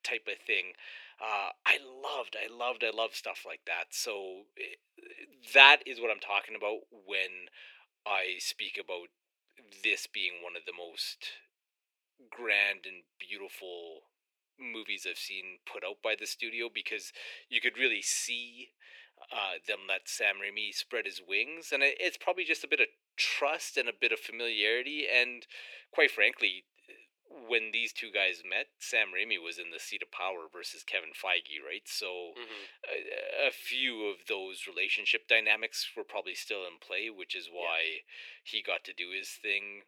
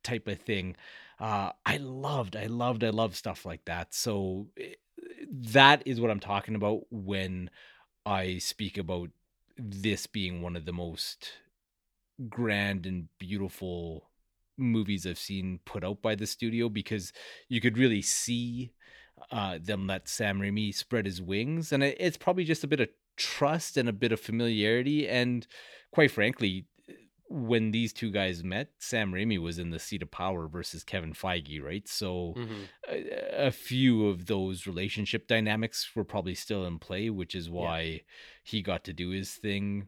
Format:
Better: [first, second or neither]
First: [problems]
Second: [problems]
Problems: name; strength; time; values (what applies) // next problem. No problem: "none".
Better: second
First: thin; very; fading below 400 Hz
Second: none